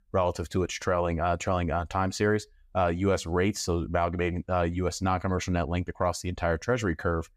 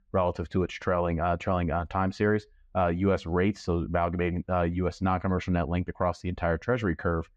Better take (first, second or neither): first